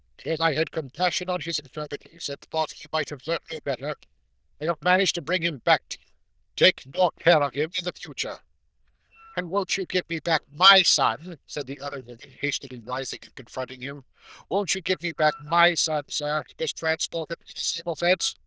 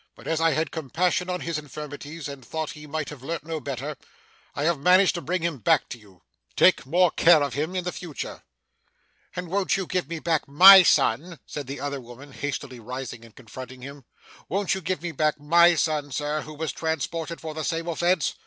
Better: second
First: noise reduction (neural diffusion model UNIVERSE++)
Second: none

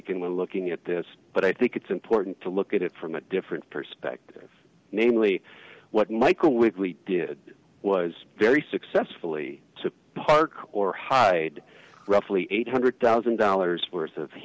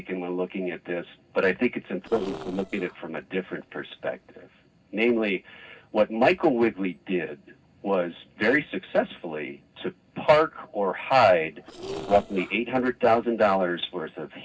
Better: first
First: none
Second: noise reduction (neural separator model SepFormer DNS4)

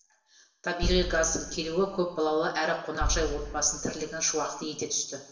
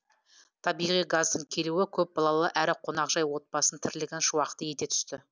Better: second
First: background sound (Boom); 6 dB below the speech // room echo; dies away in 1.1 s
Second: none

